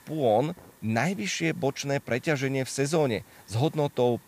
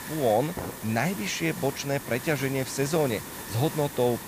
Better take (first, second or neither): first